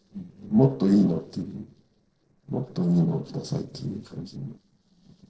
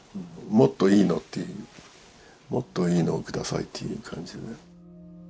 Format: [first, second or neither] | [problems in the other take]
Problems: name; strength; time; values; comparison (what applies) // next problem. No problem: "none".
second | noise reduction (neural separator model SepFormer DNS4)